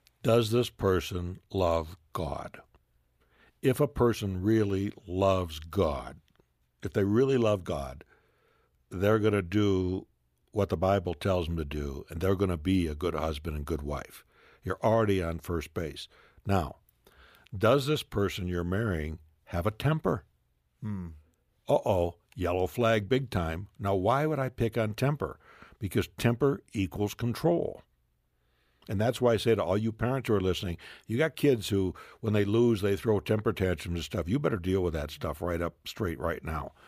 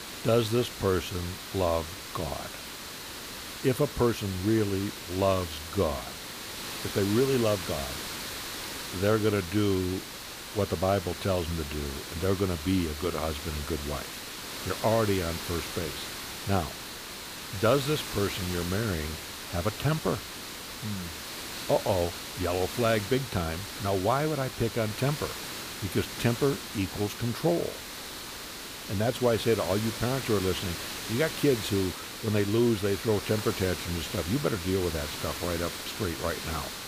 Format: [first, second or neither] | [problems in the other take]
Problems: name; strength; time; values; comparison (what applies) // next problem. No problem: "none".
first | hiss; loud; throughout; 7 dB below the speech